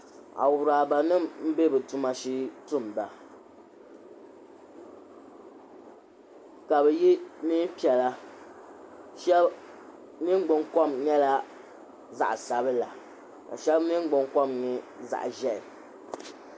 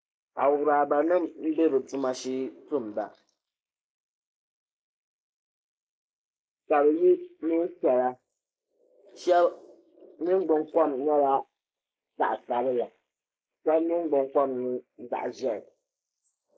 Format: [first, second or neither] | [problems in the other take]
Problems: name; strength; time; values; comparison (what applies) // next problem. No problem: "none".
first | noise reduction (neural mask model Resemble Enhance denoiser)